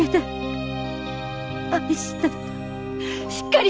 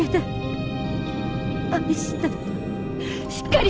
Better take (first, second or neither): first